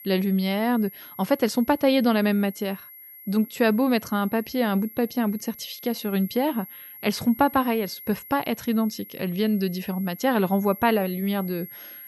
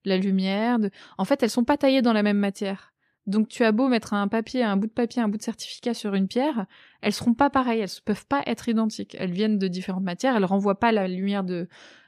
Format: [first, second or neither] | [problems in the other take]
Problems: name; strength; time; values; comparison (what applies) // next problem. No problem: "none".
second | high-pitched whine; noticeable; throughout; 11.5 kHz, 15 dB below the speech